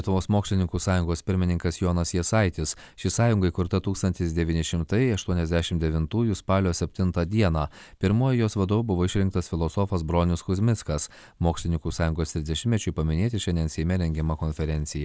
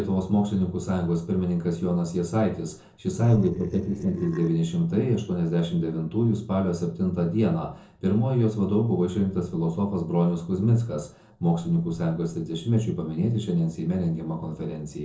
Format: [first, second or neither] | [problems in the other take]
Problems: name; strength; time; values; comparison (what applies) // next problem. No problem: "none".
first | noise reduction (neural separator model SepFormer DNS4)